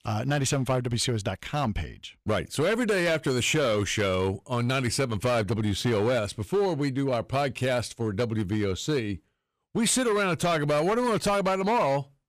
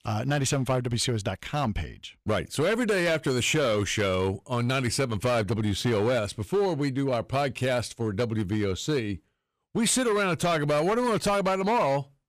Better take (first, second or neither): neither